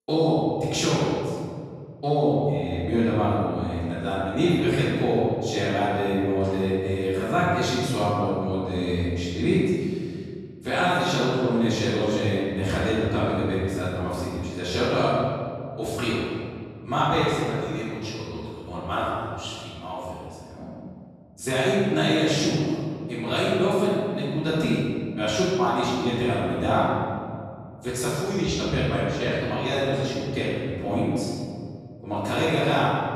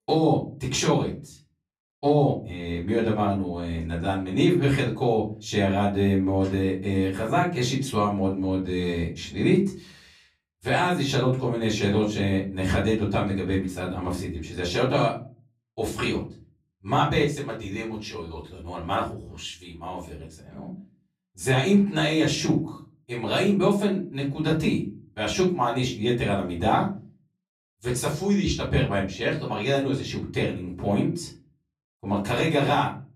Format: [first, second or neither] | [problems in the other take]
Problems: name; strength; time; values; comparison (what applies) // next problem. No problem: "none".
second | room echo; strong; dies away in 2.1 s; slight in the second // off-mic speech; far; far in the second